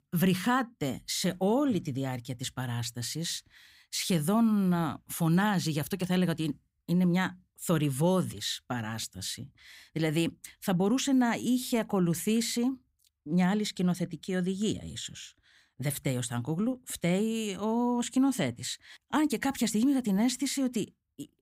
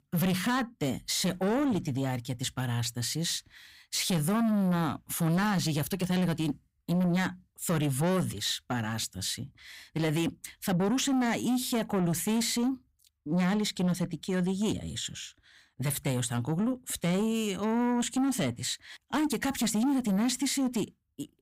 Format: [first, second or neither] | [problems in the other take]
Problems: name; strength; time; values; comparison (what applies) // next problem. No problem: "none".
first | distortion; slight; 10 dB below the speech